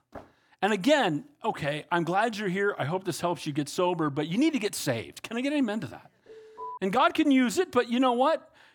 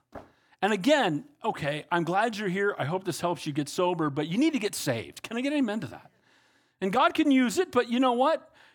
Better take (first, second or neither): second